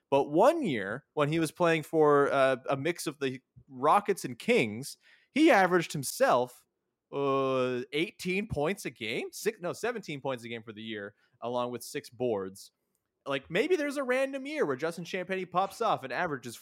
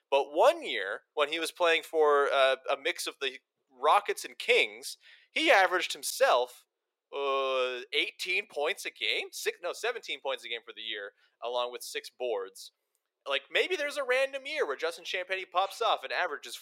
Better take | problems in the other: first | thin; very; fading below 450 Hz

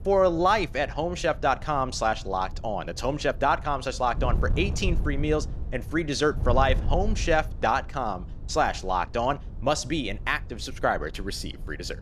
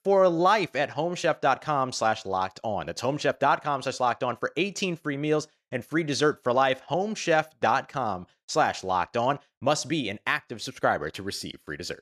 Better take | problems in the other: second | wind noise on the microphone; occasional gusts; 20 dB below the speech

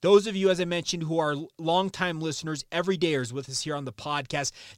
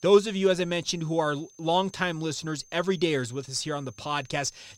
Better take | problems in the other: first | high-pitched whine; faint; throughout; 6.5 kHz, 25 dB below the speech

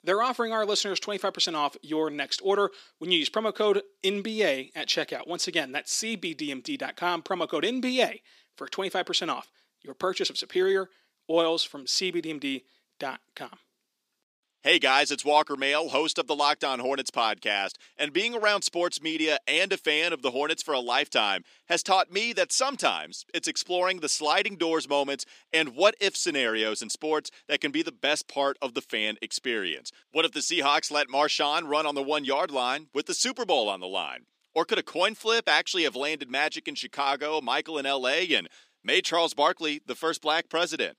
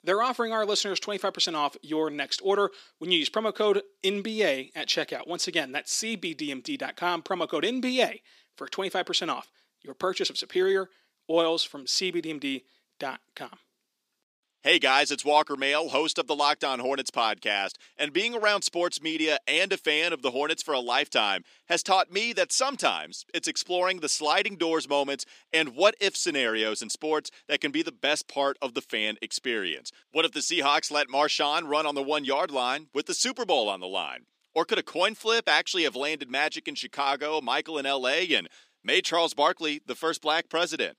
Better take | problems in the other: neither | thin; somewhat; fading below 250 Hz; the same in both

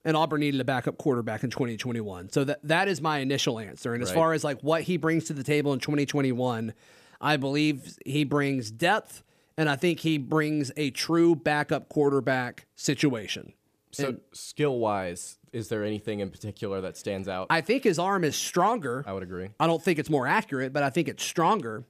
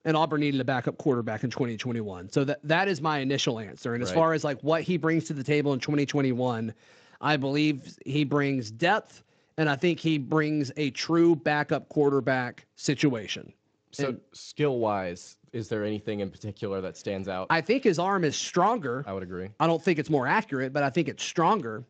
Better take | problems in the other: first | garbled, watery; slightly; nothing above 7.5 kHz

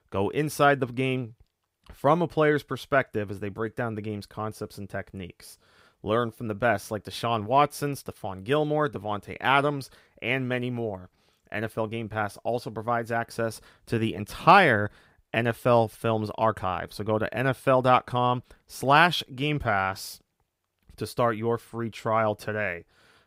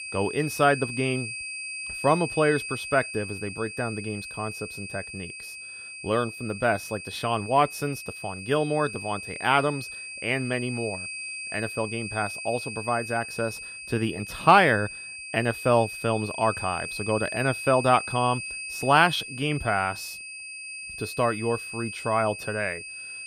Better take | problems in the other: first | high-pitched whine; loud; throughout; 2.5 kHz, 8 dB below the speech

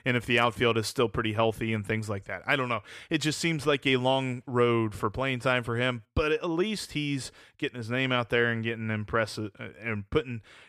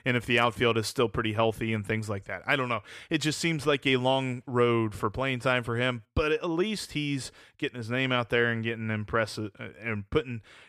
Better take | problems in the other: neither | none

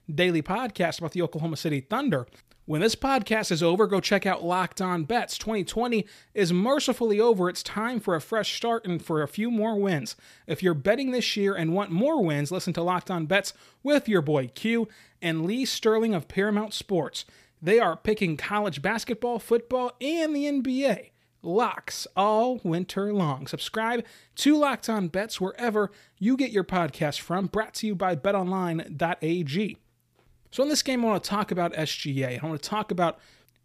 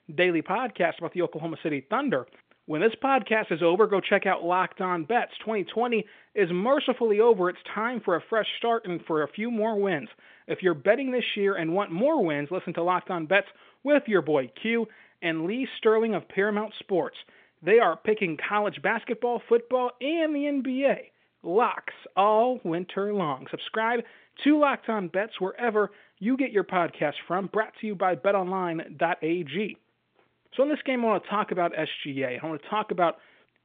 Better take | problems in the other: first | phone-call audio; nothing above 3.5 kHz

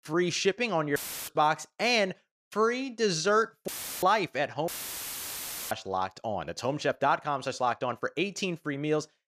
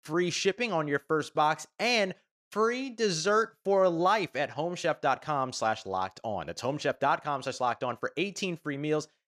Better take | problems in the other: second | audio cutting out; filled with static; at 1 s, at 3.5 s and at 4.5 s for 1 s

